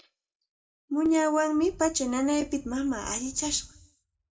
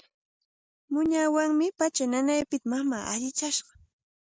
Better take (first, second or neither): second